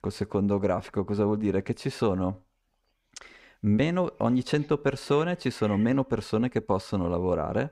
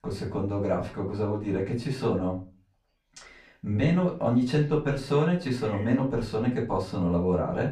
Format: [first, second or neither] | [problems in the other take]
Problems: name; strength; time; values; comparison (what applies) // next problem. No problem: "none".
first | off-mic speech; far // room echo; slight; dies away in 0.3 s